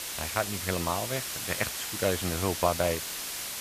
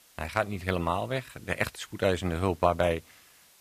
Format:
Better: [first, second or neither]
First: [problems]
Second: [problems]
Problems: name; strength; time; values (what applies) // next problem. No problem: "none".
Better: second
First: hiss; loud; throughout; 2 dB below the speech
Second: hiss; faint; throughout; 25 dB below the speech